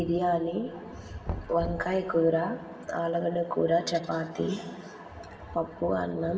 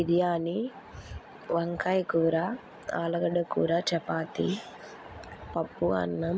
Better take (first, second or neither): second